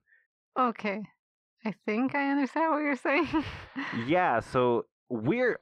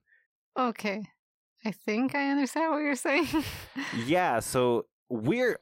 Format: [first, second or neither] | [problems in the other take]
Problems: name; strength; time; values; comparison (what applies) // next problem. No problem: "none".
second | muffled; slightly; fading above 3 kHz